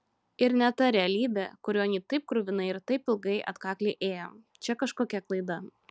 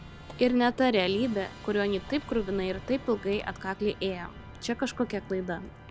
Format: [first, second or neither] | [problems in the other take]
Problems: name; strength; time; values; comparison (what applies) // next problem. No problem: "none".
first | background sound (Musical instrument + Squeak); 15 dB below the speech